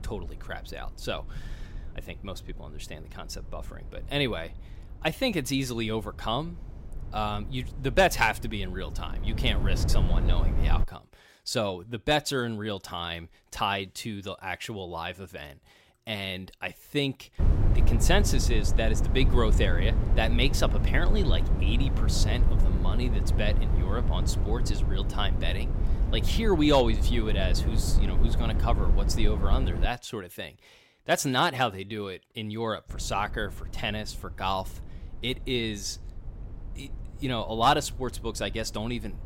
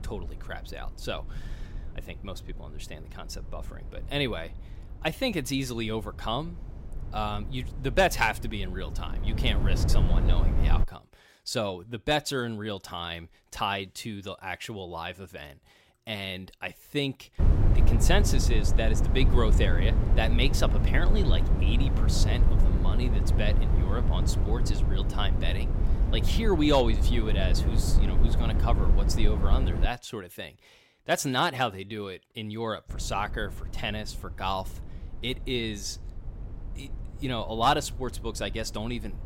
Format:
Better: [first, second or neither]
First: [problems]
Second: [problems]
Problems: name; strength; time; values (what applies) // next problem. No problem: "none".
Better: first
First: wind noise on the microphone; occasional gusts; until 11 s, from 17 to 30 s and from 33 s on; 10 dB below the speech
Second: wind noise on the microphone; heavy; until 11 s, from 17 to 30 s and from 33 s on; 8 dB below the speech